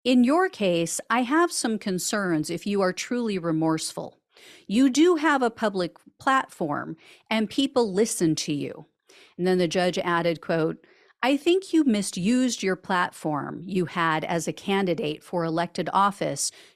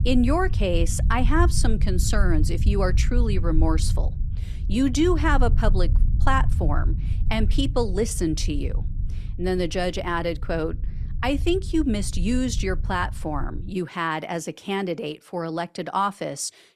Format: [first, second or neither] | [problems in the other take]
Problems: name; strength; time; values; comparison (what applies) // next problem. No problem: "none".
first | low rumble; noticeable; until 14 s; 15 dB below the speech